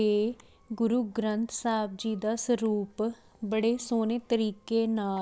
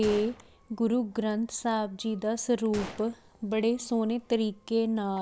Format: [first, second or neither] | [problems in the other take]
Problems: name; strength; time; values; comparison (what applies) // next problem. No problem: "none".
first | background sound (Gunshot, gunfire); 19 dB below the speech